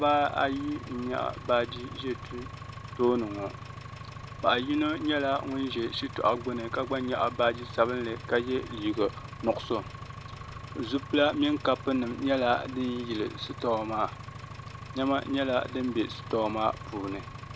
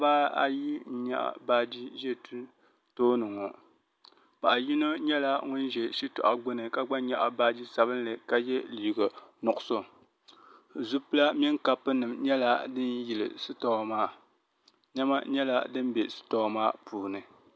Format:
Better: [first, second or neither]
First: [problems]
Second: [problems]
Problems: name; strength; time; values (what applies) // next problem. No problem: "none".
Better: second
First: background sound (Engine); 12 dB below the speech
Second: none